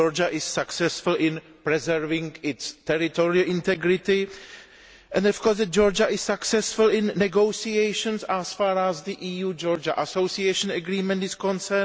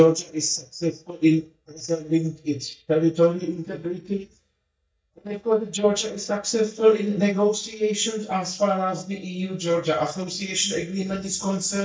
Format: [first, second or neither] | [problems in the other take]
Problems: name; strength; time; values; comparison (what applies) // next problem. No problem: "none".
first | noise reduction (neural mask model DeepFilterNet 3)